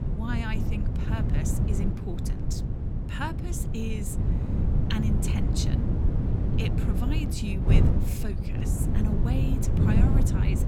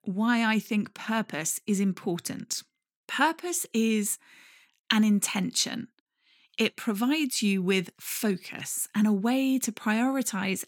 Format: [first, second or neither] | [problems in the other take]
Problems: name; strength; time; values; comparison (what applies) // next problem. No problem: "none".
second | wind noise on the microphone; heavy; 1 dB above the speech